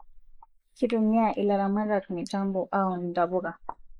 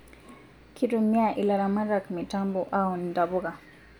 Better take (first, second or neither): second